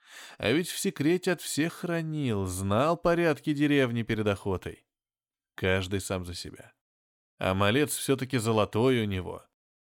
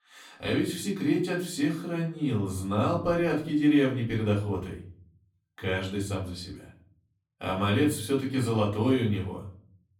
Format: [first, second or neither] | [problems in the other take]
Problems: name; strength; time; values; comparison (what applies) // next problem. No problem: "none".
first | off-mic speech; far // room echo; slight; dies away in 0.5 s